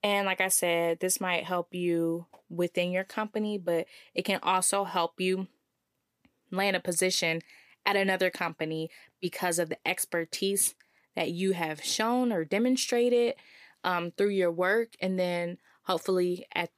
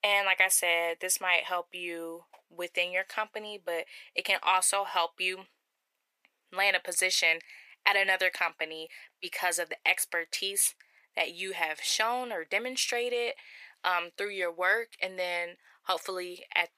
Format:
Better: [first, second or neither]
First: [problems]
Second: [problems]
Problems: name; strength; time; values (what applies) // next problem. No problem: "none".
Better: first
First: none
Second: thin; very; fading below 700 Hz